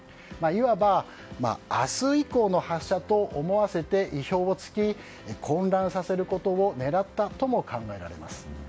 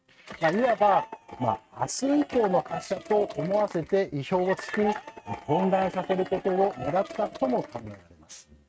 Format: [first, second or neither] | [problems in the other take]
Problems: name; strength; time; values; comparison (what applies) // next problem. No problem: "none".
first | noise reduction (neural mask model RNNoise)